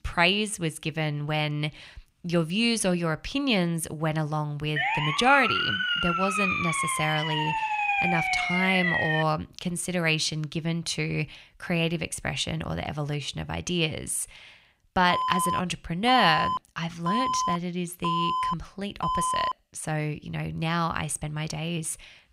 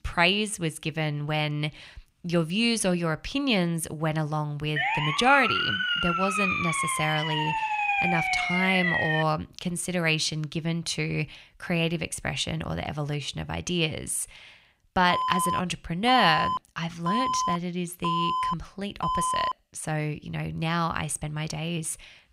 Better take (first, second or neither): neither